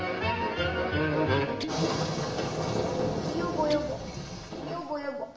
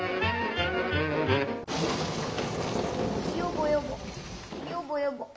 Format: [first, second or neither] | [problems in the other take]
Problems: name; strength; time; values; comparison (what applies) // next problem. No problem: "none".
second | background sound (Guitar); 15 dB below the speech // room echo; dies away in 0.9 s